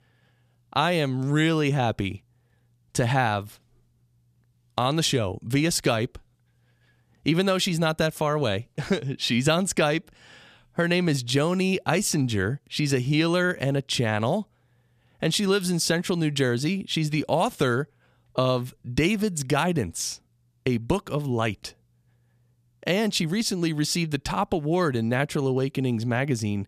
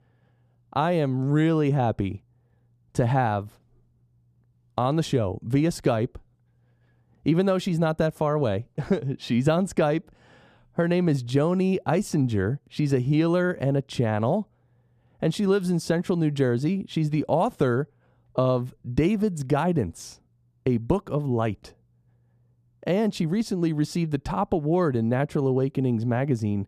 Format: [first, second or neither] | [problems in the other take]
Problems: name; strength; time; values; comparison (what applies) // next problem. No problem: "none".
first | muffled; slightly; fading above 1.5 kHz